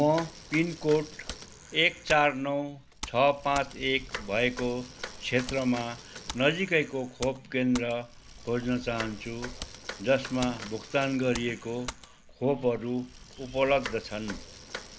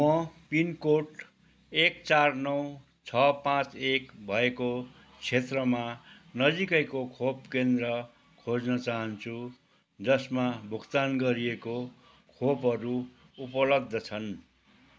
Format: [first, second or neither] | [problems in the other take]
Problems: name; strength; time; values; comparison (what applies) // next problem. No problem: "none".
second | background sound (Computer keyboard + Bicycle); 13 dB below the speech